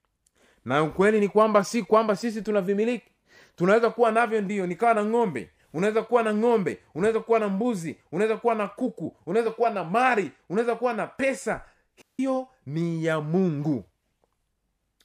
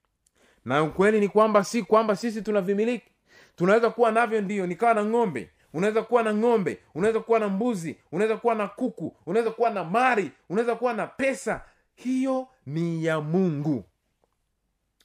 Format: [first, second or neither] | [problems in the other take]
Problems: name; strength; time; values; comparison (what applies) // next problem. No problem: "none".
second | audio cutting out; at 12 s